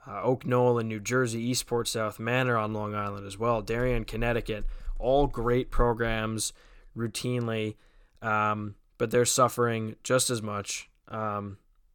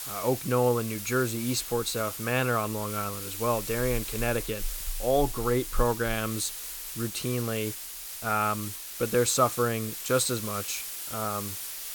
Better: first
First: none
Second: hiss; loud; throughout; 6 dB below the speech

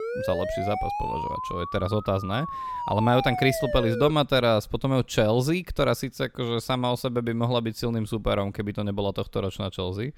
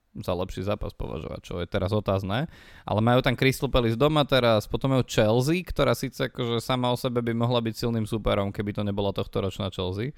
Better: second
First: siren; noticeable; until 4 s; peak 4 dB below the speech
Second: none

